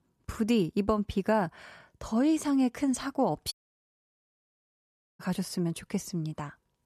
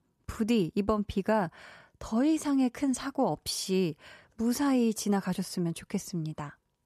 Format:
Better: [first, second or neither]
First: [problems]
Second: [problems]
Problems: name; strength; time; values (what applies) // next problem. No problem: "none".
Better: second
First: audio cutting out; at 3.5 s for 1.5 s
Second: none